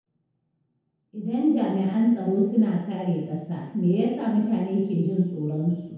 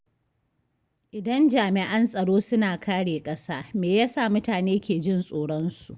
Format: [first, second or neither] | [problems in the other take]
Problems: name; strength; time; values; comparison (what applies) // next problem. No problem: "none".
second | room echo; dies away in 0.9 s